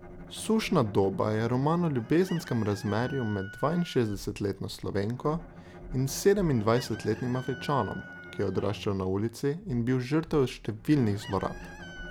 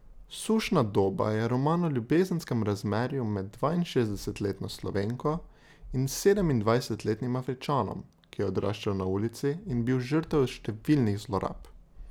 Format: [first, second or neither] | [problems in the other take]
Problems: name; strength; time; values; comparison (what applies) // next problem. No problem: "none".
second | background sound (Chicken, rooster + Bowed string instrument); 17 dB below the speech